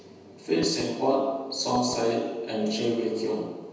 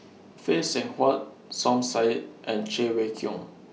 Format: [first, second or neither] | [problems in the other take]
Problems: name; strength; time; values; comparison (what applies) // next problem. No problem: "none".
second | background sound (Knock / Wood); 17 dB below the speech // room echo; dies away in 1.1 s